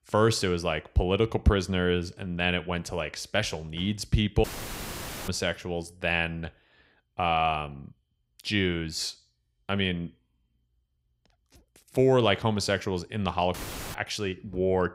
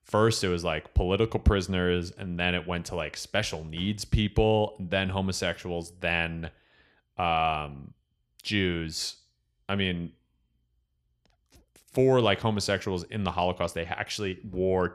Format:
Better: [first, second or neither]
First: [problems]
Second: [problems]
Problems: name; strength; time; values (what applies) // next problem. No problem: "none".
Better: second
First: audio cutting out; filled with static; at 4.5 s for 1 s and at 14 s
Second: none